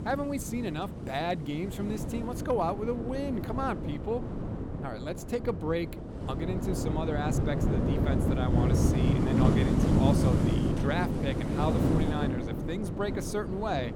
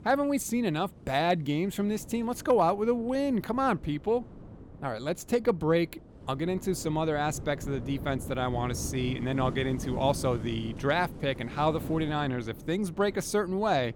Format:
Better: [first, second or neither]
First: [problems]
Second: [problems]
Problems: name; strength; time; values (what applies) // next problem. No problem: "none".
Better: second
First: wind noise on the microphone; heavy; 1 dB below the speech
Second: wind noise on the microphone; occasional gusts; 20 dB below the speech